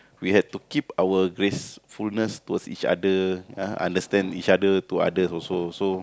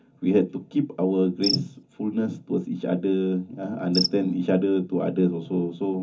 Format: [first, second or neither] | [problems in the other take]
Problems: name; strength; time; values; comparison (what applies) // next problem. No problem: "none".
first | background sound (Cricket); 11 dB below the speech // room echo; dies away in 0.3 s